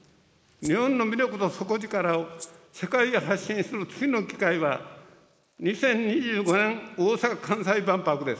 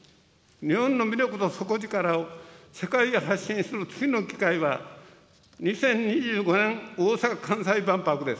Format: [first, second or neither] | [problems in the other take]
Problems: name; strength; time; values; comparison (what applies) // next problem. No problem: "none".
second | noise reduction (neural mask model Resemble Enhance denoiser)